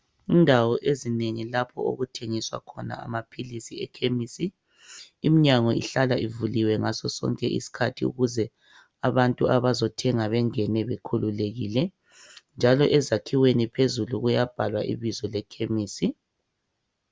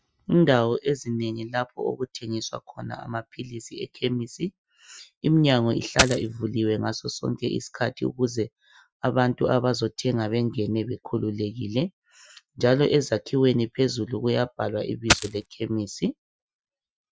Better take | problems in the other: first | noise reduction (classical method Wiener filter)

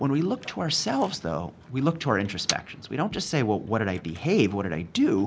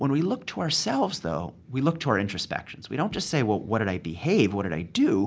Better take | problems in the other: second | background sound (Motor vehicle (road)); 16 dB below the speech

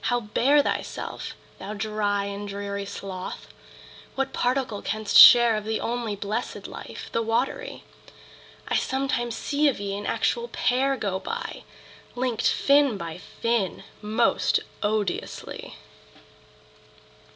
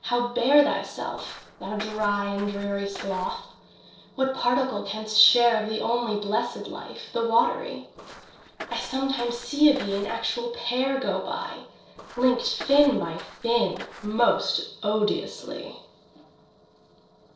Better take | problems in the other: first | noise reduction (neural separator model SepFormer DNS4)

